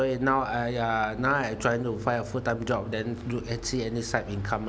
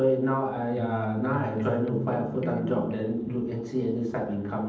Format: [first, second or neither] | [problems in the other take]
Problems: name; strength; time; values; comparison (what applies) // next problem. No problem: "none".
first | noise reduction (neural separator model SepFormer DNS4)